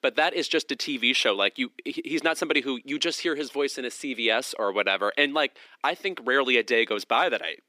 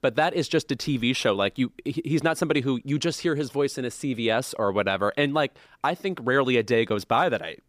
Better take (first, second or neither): second